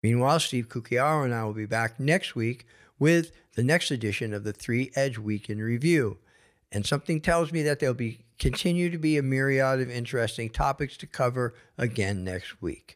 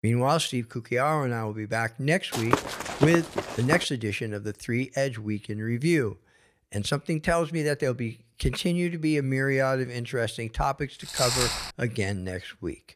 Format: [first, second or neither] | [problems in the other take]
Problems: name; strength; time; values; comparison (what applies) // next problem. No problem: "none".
first | footsteps; loud; from 2.5 to 4 s and at 11 s; peak 3 dB above the speech